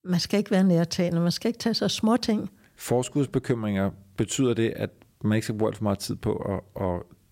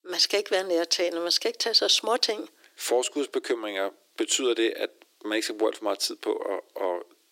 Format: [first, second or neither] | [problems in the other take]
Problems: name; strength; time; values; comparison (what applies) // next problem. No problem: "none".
first | thin; very; fading below 300 Hz